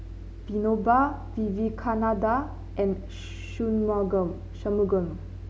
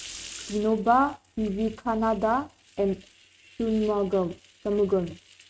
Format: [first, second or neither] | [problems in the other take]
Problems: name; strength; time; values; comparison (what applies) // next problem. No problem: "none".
first | noise reduction (neural mask model RNNoise)